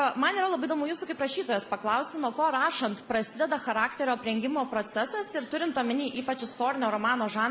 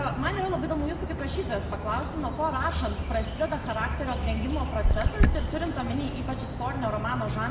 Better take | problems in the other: first | background sound (Bird); 2 dB above the speech // room echo; dies away in 1.3 s

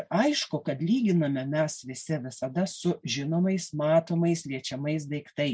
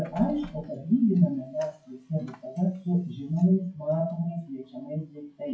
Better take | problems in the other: first | noise reduction (classical method WPE with log-MMSE)

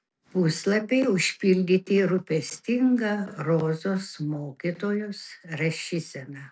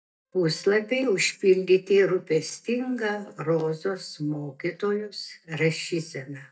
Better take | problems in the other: first | noise reduction (neural mask model DeepFilterNet 3)

